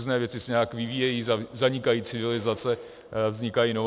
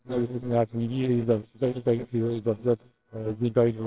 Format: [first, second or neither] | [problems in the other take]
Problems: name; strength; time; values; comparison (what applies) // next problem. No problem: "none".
first | noise reduction (neural separator model SepFormer WHAMR!)